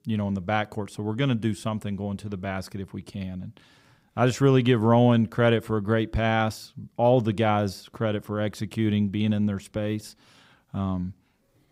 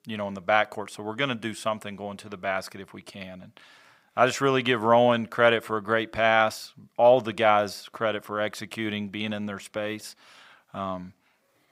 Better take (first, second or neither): first